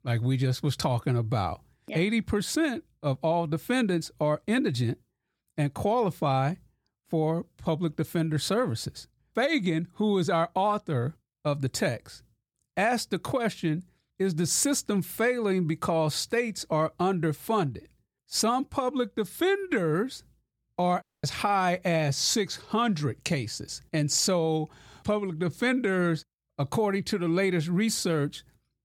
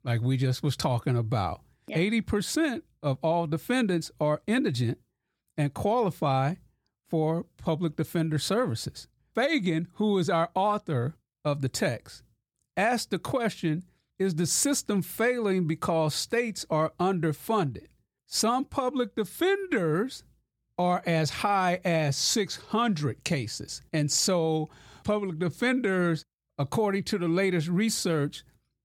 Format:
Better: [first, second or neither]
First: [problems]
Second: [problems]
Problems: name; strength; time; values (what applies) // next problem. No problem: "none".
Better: second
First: audio cutting out; at 21 s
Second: none